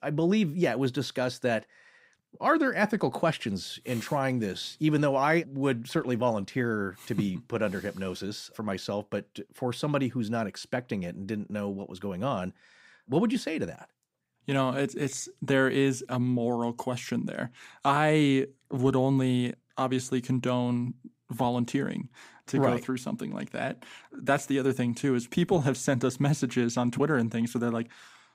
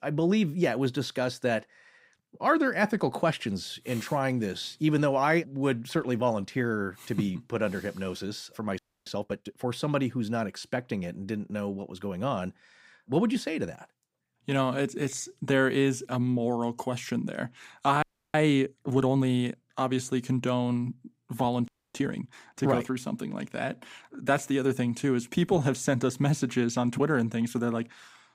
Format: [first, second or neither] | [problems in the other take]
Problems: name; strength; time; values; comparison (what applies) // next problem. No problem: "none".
first | audio freezing; at 9 s, at 18 s and at 22 s